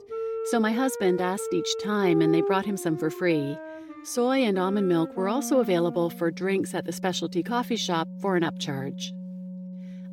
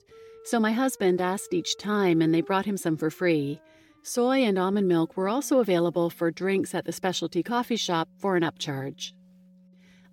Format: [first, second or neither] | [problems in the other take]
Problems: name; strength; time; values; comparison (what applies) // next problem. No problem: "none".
second | background music; loud; throughout; 9 dB below the speech; faint in the second